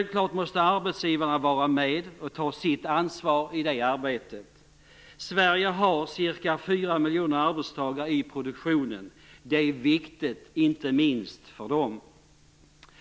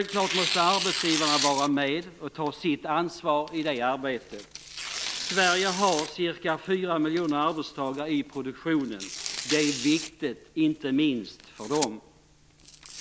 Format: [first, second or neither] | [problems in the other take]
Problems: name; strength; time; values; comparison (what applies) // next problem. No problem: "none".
first | background sound (Tearing); 8 dB below the speech